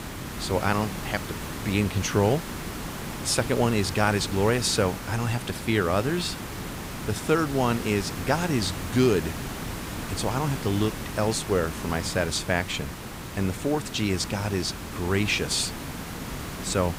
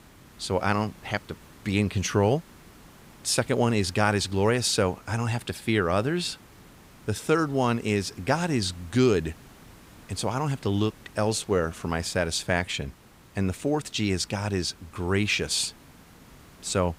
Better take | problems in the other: second | hiss; loud; throughout; 8 dB below the speech; faint in the second

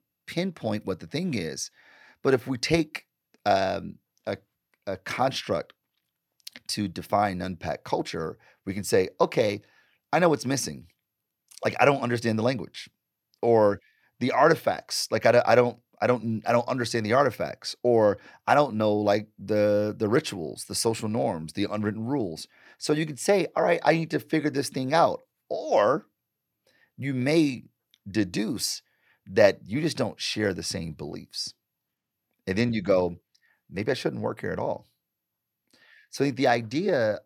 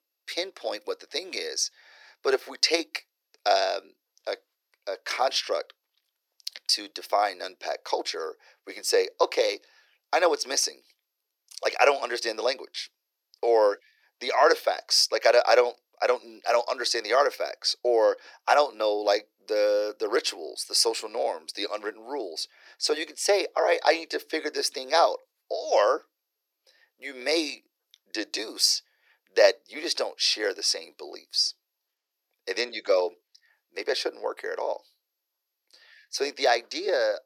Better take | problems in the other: first | thin; very; fading below 400 Hz

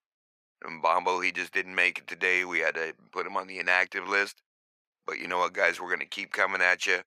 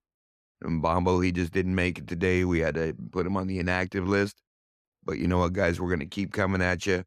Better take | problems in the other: second | thin; very; fading below 750 Hz

